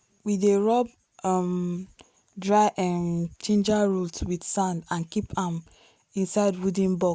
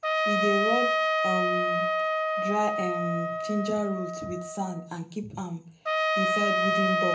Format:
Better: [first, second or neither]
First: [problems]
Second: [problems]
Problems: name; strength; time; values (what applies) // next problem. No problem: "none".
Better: first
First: none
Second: background sound (Trumpet); 4 dB above the speech // room echo; dies away in 0.3 s